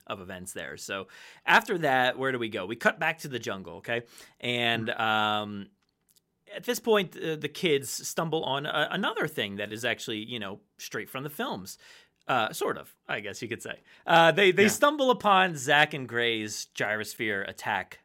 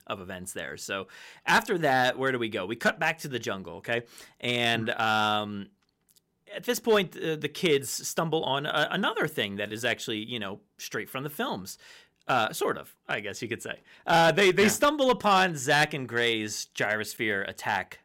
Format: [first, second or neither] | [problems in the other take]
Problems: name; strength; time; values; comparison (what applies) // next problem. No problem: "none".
first | distortion; slight; 1.8% of the sound clipped